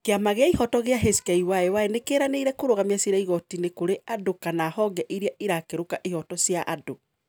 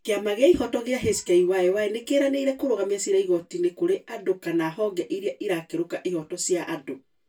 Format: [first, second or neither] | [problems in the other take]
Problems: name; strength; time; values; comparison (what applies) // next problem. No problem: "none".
first | room echo; dies away in 0.2 s